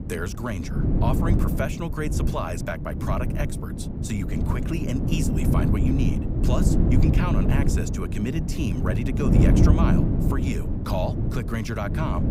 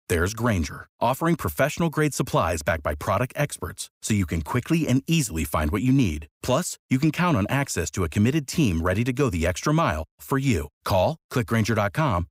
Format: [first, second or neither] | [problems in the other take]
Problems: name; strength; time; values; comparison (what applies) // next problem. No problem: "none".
second | wind noise on the microphone; heavy; 1 dB below the speech